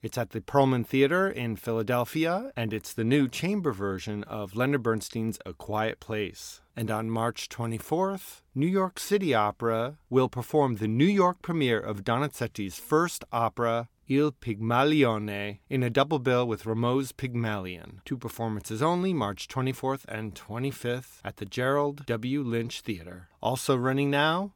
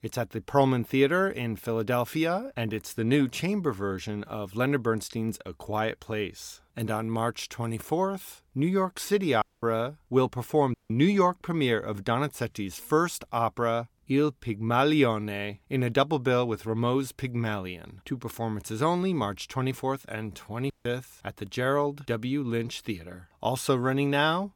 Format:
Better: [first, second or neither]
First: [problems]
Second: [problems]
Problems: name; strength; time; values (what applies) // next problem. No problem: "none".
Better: first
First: none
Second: audio cutting out; at 9.5 s, at 11 s and at 21 s